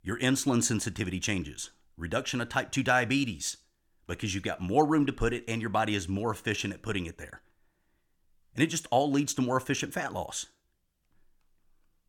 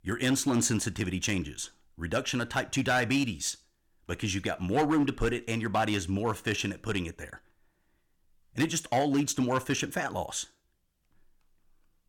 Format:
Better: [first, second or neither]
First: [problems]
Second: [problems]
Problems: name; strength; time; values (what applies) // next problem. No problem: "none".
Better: first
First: none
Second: distortion; slight; 3% of the sound clipped